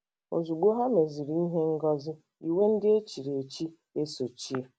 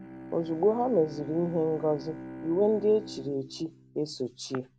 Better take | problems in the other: first | background sound (Bowed string instrument); 14 dB below the speech

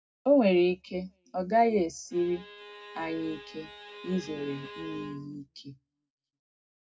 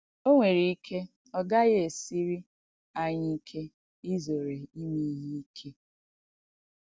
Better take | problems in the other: second | background sound (Bowed string instrument); 16 dB below the speech // room echo; dies away in 0.2 s

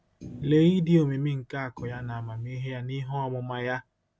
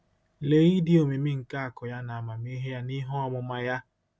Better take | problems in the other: second | background sound (Thump, thud); 17 dB below the speech

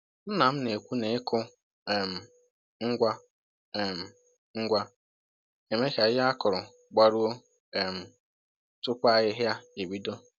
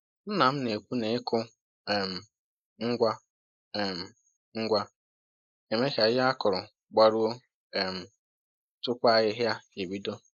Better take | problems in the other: first | noise reduction (neural mask model Resemble Enhance denoiser)

